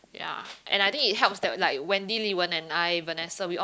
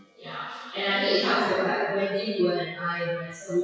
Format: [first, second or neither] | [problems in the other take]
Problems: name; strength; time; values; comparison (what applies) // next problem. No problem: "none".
first | noise reduction (classical method WPE with log-MMSE)